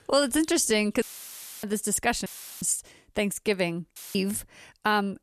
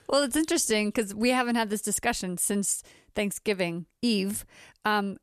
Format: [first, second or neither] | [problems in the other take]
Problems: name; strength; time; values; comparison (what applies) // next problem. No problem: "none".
second | audio cutting out; filled with static; at 1 s for 0.5 s, at 2.5 s and at 4 s